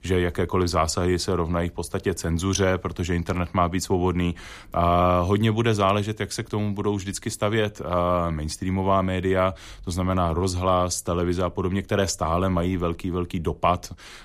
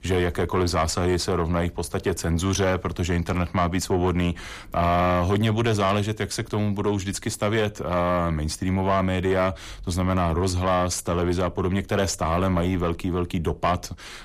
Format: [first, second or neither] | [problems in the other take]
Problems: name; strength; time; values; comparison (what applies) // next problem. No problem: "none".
first | distortion; slight; 10 dB below the speech